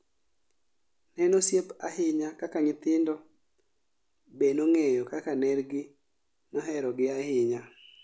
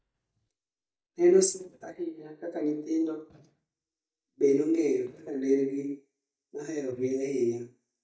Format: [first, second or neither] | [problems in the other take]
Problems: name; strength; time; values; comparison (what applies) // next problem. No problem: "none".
first | noise reduction (neural mask model DeepFilterNet 3)